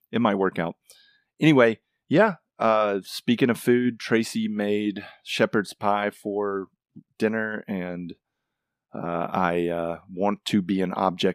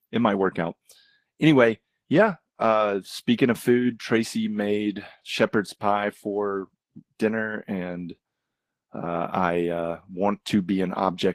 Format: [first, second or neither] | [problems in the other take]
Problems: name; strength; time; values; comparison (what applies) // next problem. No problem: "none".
first | garbled, watery; slightly; nothing above 15 kHz